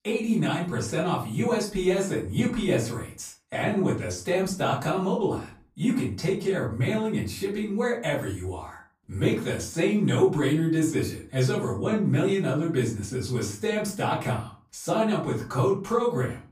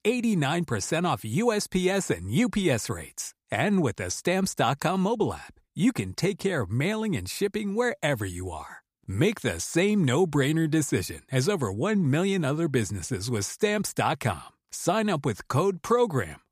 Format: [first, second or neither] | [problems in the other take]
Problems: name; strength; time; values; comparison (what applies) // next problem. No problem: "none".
second | off-mic speech; far // room echo; slight; dies away in 0.3 s